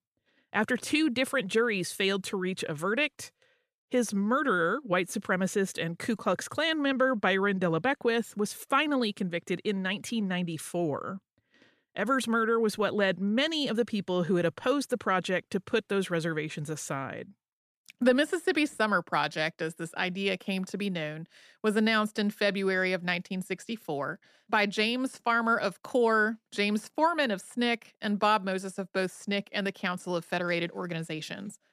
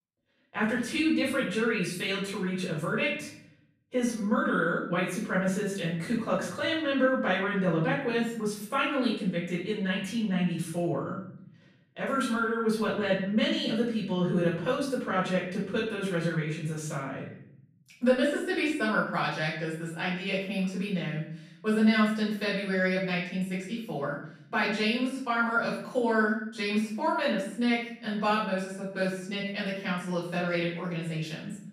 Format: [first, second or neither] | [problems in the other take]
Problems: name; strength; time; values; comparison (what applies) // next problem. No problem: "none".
first | room echo; noticeable; dies away in 0.7 s // off-mic speech; far